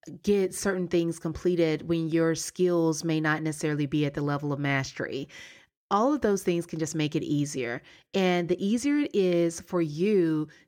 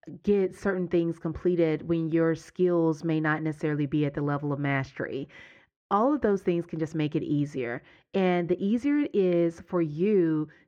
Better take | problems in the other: first | muffled; very; fading above 4 kHz

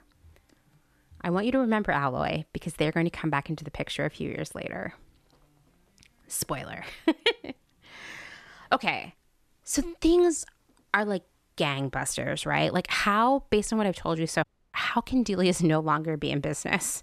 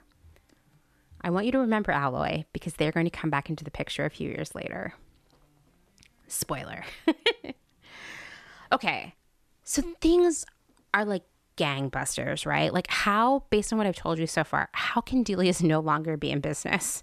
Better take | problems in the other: second | audio cutting out; at 14 s

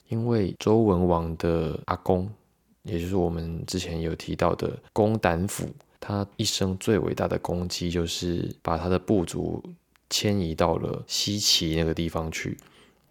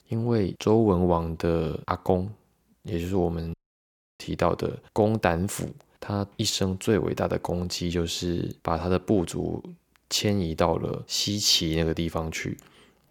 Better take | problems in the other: first | audio cutting out; at 3.5 s for 0.5 s

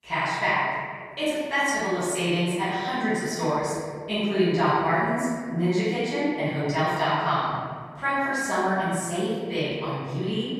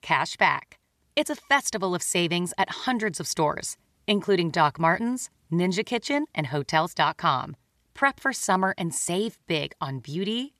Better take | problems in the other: second | off-mic speech; far // room echo; strong; dies away in 1.9 s

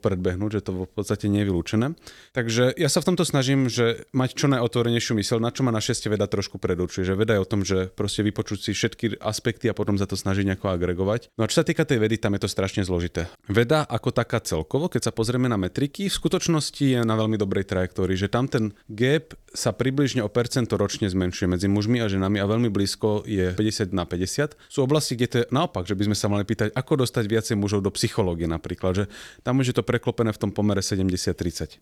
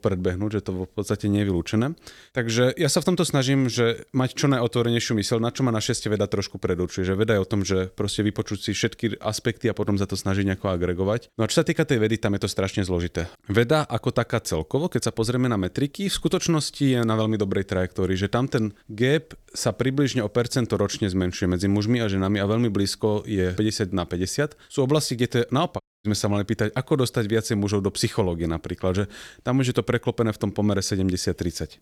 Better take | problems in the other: first | audio cutting out; at 26 s

